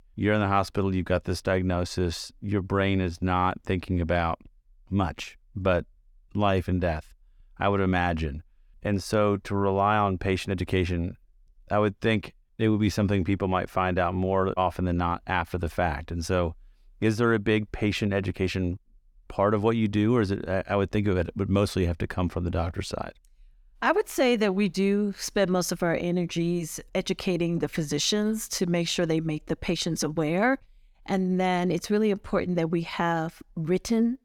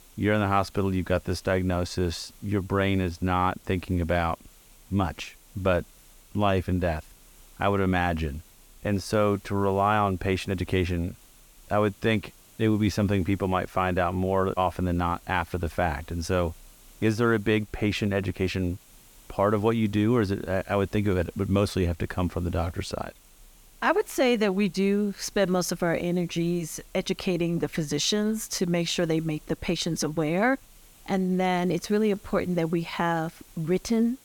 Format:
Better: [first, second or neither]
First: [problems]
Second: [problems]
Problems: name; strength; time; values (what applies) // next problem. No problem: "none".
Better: first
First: none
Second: hiss; faint; throughout; 25 dB below the speech